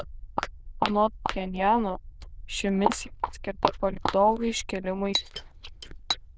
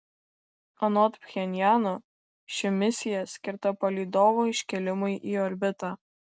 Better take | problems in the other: second | noise reduction (neural diffusion model UNIVERSE++)

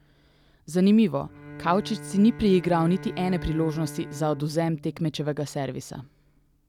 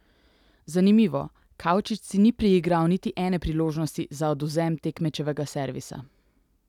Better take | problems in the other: second | background sound (Bowed string instrument); 16 dB below the speech

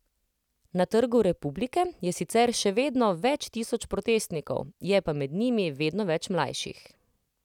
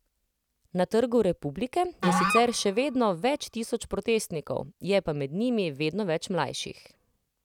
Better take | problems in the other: first | background sound (Musical instrument); 3 dB below the speech

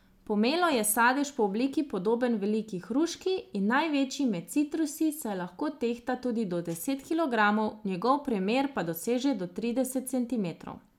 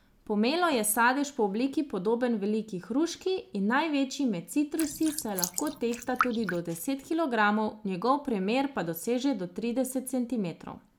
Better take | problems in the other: first | noise reduction (neural mask model Resemble Enhance denoiser)

